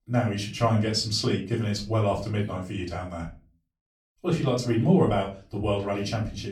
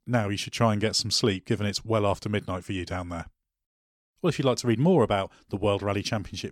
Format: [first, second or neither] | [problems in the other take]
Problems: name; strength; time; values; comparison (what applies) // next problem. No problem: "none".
second | off-mic speech; far // room echo; slight; dies away in 0.3 s